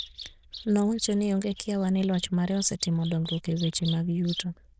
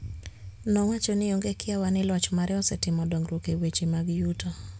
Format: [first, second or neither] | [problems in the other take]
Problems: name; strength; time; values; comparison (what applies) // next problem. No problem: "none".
second | noise reduction (neural diffusion model UNIVERSE++)